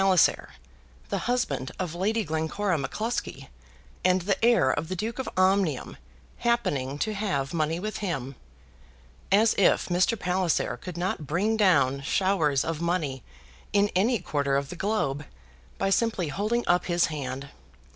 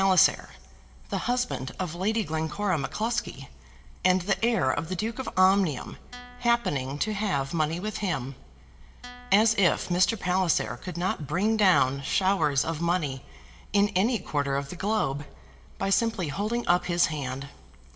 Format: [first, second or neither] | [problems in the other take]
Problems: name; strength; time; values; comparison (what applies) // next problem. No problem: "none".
first | background sound (Guitar); 20 dB below the speech // room echo; dies away in 0.8 s